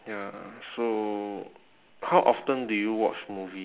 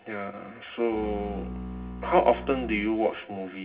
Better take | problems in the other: first | background sound (Bowed string instrument); 10 dB below the speech // room echo; dies away in 0.4 s

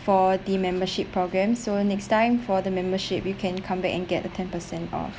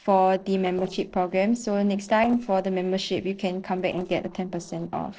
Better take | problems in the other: first | noise reduction (neural separator model SepFormer DNS4)

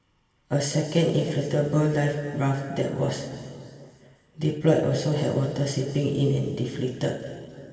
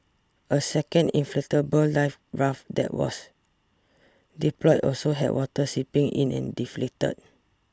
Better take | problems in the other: second | room echo; dies away in 2.6 s

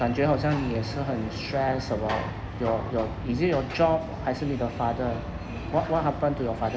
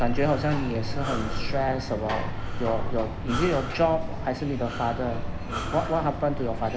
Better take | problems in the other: first | background sound (Breathing); 4 dB below the speech

